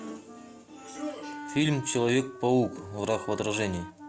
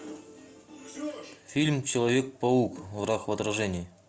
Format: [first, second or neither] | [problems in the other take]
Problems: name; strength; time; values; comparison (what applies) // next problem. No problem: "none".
second | background sound (Wind instrument, woodwind instrument); 14 dB below the speech